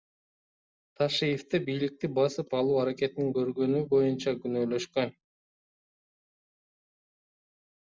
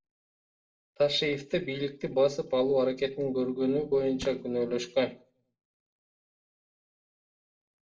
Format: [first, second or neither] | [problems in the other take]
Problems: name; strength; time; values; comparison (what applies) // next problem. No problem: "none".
first | noise reduction (neural separator model SepFormer DNS4)